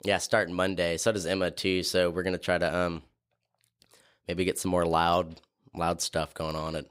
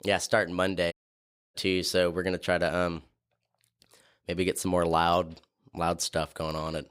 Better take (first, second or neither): first